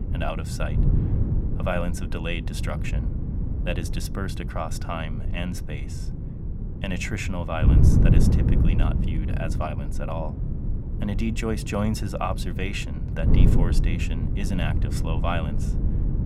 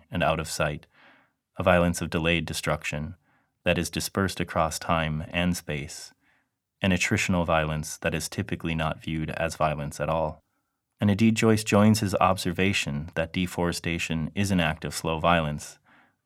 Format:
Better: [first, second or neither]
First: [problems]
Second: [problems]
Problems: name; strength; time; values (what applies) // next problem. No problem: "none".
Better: second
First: wind noise on the microphone; heavy; 5 dB below the speech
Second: none